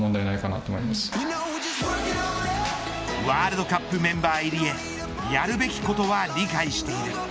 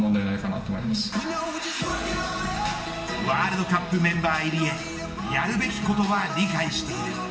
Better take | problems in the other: first | room echo; dies away in 1.1 s

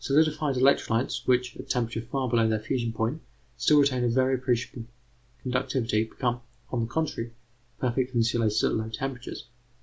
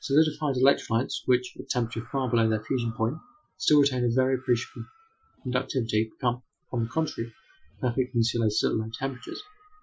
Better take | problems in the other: first | noise reduction (classical method Wiener filter)

